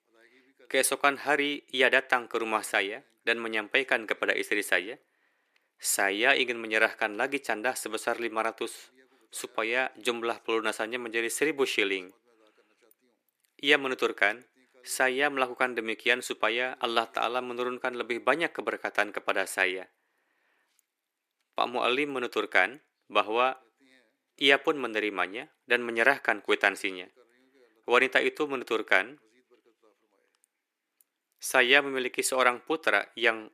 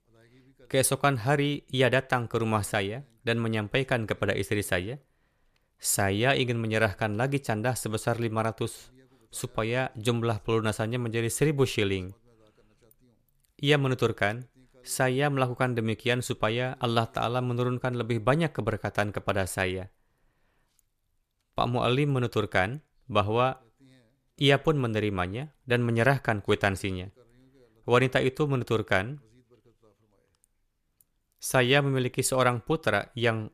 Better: second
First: thin; somewhat; fading below 300 Hz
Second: none

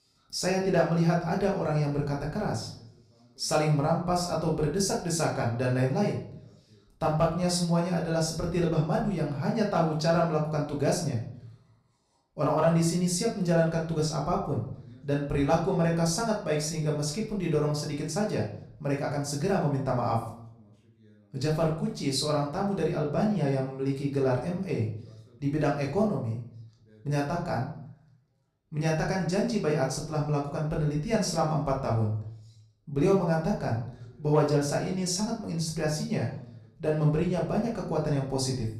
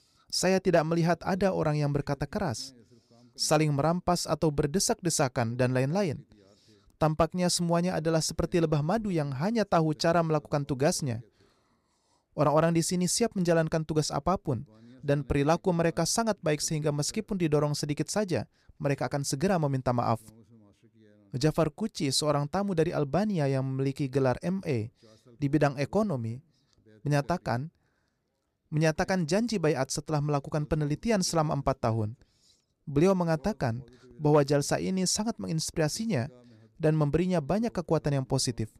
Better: second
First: off-mic speech; far // room echo; slight; dies away in 0.5 s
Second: none

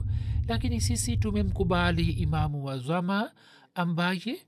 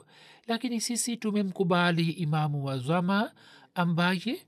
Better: second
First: low rumble; noticeable; until 2.5 s; 15 dB below the speech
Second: none

